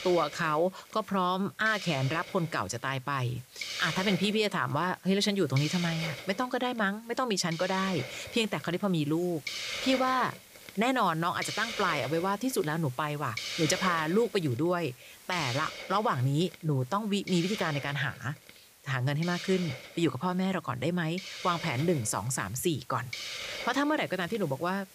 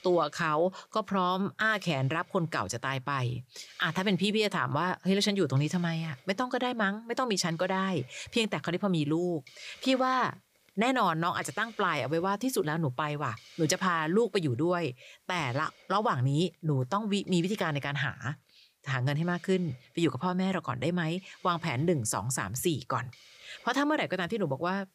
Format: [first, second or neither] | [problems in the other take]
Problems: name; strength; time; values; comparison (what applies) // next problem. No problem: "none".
second | hiss; loud; throughout; 9 dB below the speech; faint in the second